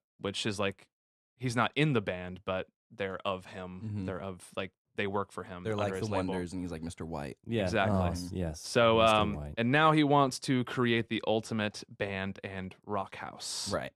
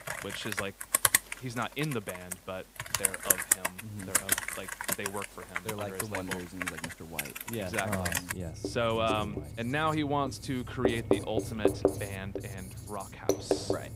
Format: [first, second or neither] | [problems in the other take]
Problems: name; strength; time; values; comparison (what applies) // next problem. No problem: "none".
first | household noises; very loud; throughout; 4 dB above the speech